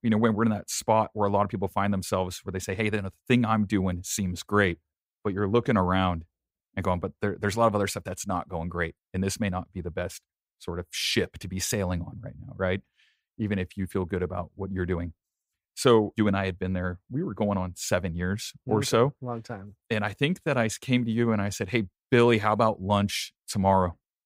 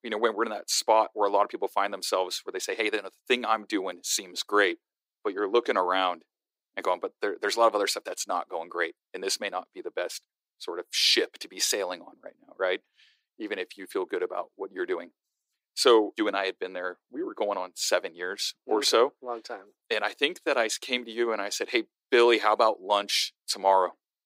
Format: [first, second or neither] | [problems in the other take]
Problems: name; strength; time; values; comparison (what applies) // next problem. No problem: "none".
first | thin; very; fading below 300 Hz